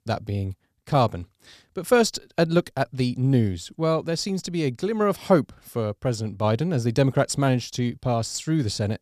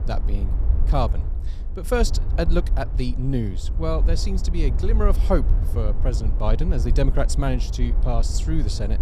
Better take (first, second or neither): first